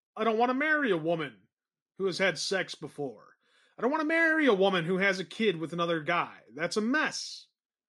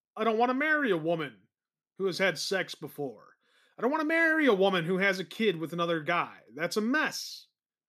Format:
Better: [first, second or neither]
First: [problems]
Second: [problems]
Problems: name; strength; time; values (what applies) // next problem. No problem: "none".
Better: second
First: garbled, watery; slightly; nothing above 11 kHz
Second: none